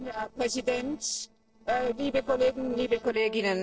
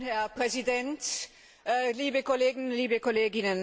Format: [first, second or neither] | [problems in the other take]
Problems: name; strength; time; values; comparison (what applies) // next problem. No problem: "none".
second | noise reduction (neural separator model SepFormer DNS4)